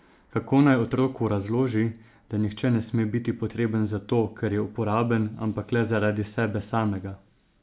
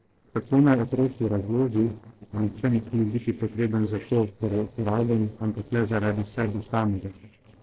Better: first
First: none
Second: noise reduction (neural separator model SepFormer DNS4)

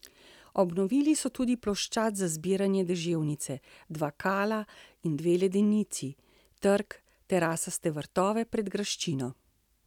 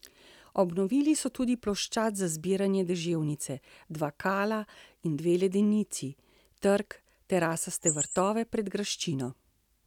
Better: first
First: none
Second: background sound (Chirp, tweet); 8 dB below the speech

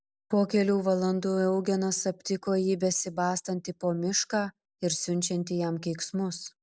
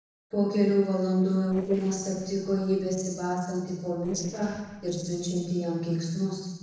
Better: first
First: none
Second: noise reduction (neural separator model SepFormer DNS4)

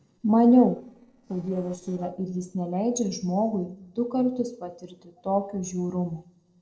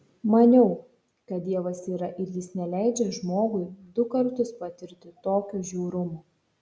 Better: second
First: noise reduction (neural separator model SepFormer DNS4)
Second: none

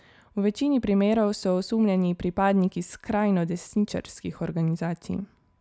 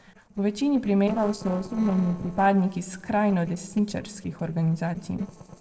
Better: first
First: none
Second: noise reduction (neural separator model SepFormer DNS4)

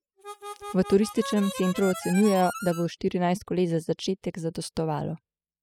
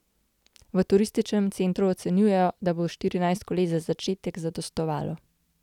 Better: second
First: noise reduction (classical method spectral subtraction)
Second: none

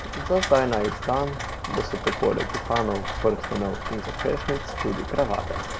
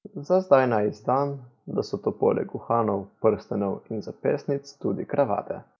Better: second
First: background sound (Rain); 5 dB below the speech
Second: none

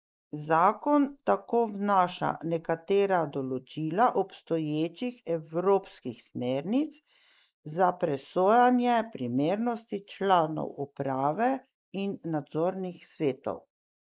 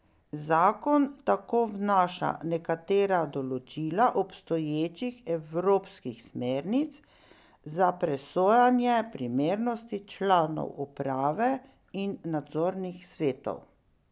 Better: second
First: noise reduction (neural mask model Resemble Enhance denoiser)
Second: none

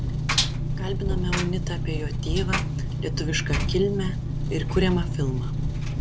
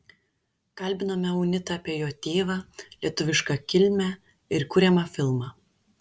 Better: second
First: background sound (Engine); 4 dB above the speech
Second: none

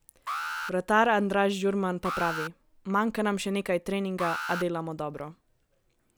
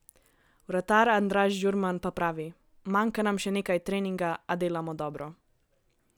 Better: second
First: background sound (Alarm); 10 dB below the speech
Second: none

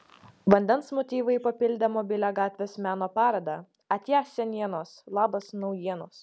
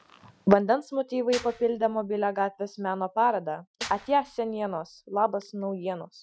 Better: first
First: none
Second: noise reduction (classical method Wiener filter)

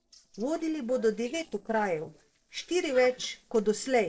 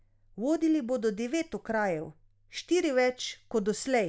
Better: second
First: noise reduction (neural separator model SepFormer DNS4)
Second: none

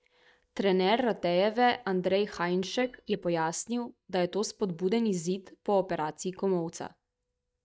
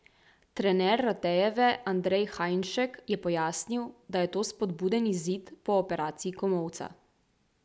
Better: second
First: noise reduction (neural mask model DeepFilterNet 3)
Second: none

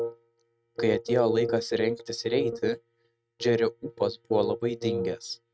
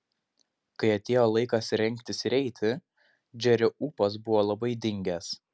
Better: second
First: noise reduction (neural mask model RNNoise)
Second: none

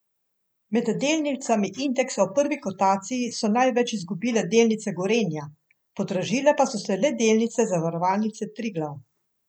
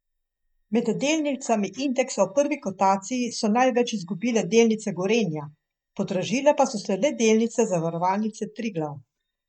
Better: first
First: none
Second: noise reduction (neural mask model DeepFilterNet 3)

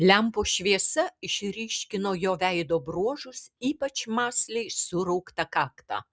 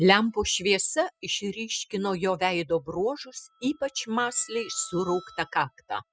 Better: first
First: none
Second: noise reduction (classical method spectral subtraction)

